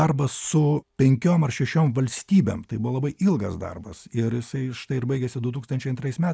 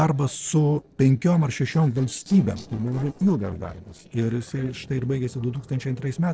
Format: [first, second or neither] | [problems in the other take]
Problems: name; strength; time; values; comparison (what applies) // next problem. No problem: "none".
first | noise reduction (neural separator model SepFormer DNS4)